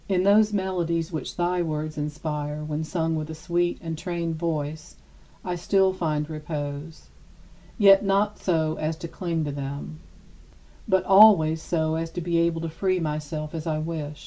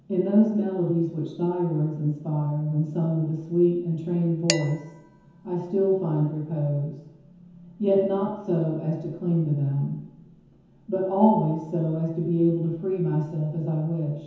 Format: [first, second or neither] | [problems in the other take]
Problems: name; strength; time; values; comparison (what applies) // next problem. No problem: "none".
first | background sound (Dishes, pots, and pans); 11 dB below the speech // room echo; dies away in 0.9 s